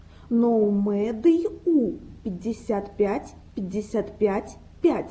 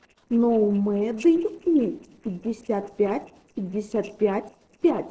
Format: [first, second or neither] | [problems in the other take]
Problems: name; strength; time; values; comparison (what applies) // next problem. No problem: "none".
first | noise reduction (neural separator model SepFormer DNS4)